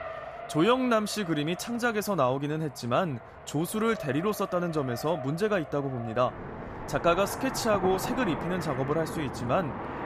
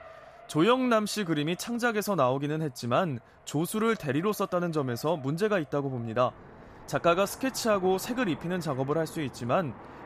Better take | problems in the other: second | traffic noise; loud; throughout; 10 dB below the speech; faint in the second

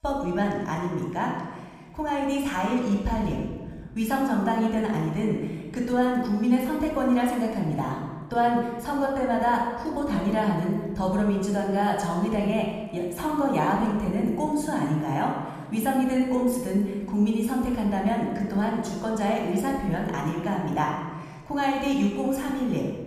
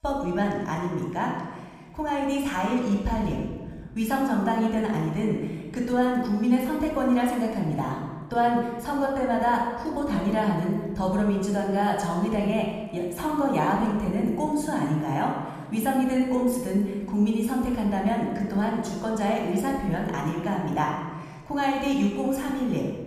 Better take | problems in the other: neither | off-mic speech; somewhat distant; the same in both // room echo; noticeable; dies away in 1.3 s; the same in both

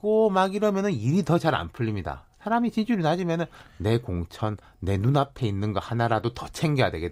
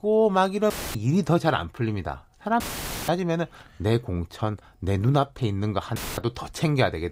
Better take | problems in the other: first | audio cutting out; filled with static; at 0.5 s, at 2.5 s and at 6 s

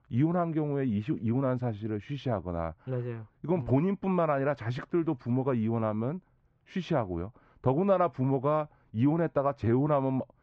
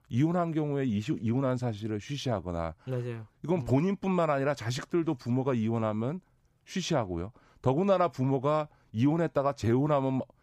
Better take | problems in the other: second | muffled; very; fading above 2 kHz

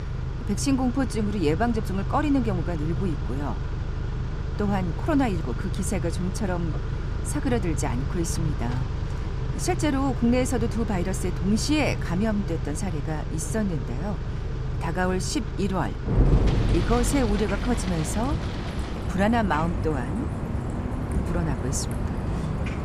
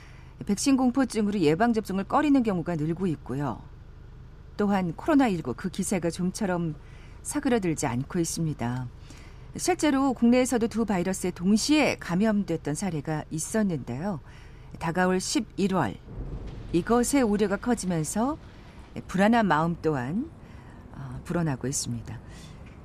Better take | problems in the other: second | traffic noise; loud; throughout; 2 dB below the speech; faint in the second

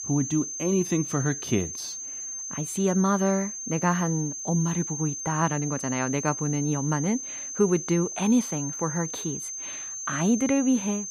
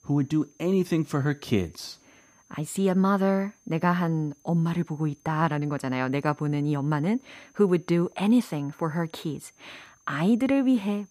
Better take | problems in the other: second | high-pitched whine; loud; throughout; 6.5 kHz, 6 dB below the speech; faint in the second

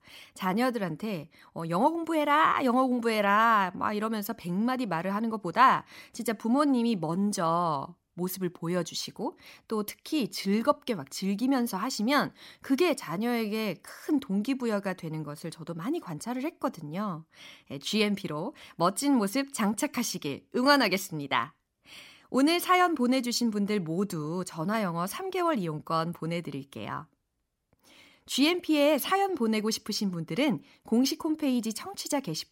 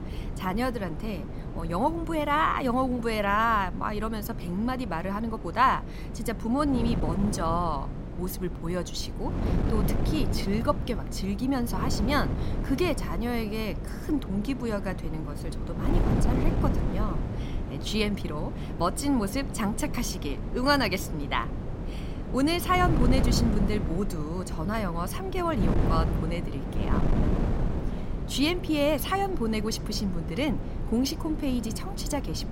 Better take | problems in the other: first | wind noise on the microphone; heavy; 10 dB below the speech

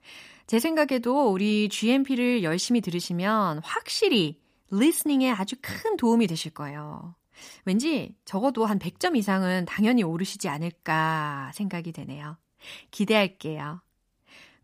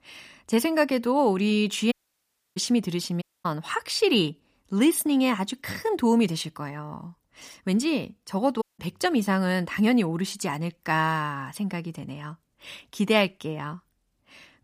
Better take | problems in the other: first | audio cutting out; at 2 s for 0.5 s, at 3 s and at 8.5 s

